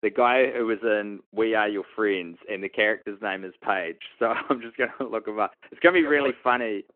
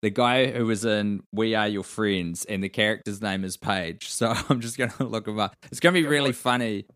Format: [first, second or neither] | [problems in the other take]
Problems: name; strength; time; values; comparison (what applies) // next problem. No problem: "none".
second | phone-call audio